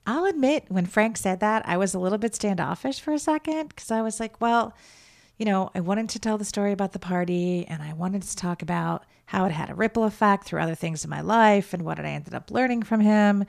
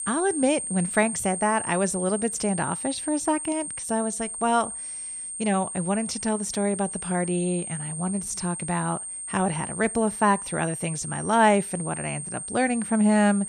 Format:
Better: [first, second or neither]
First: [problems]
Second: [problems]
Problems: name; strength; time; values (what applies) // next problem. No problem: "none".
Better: first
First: none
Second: high-pitched whine; loud; throughout; 8.5 kHz, 6 dB below the speech